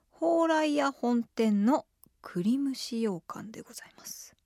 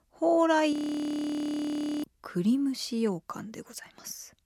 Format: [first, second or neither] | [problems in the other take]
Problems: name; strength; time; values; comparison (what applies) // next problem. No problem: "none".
first | audio freezing; at 0.5 s for 1.5 s